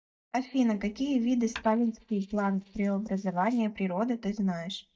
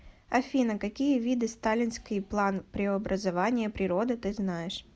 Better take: second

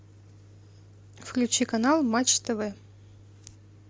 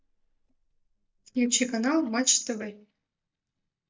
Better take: first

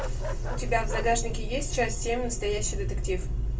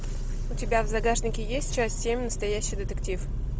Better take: second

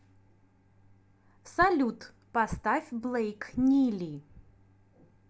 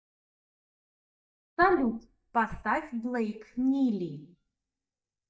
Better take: first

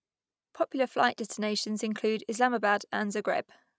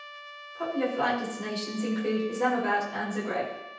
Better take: first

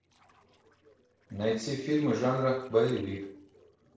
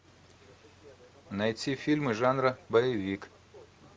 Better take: second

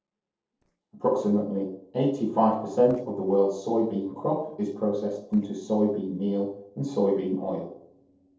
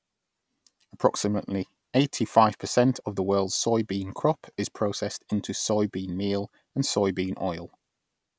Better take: second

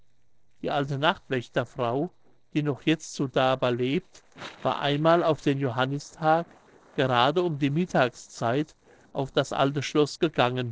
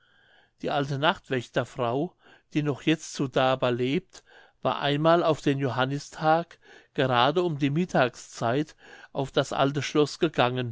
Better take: second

